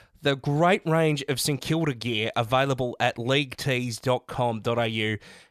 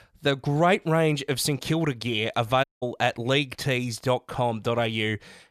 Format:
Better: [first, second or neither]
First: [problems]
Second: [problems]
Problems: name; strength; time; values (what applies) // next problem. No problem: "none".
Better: first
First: none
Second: audio cutting out; at 2.5 s